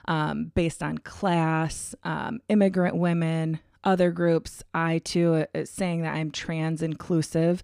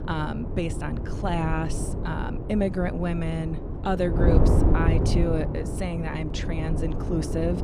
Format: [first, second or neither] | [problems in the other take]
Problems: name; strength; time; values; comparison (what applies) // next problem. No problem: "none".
first | wind noise on the microphone; heavy; 4 dB below the speech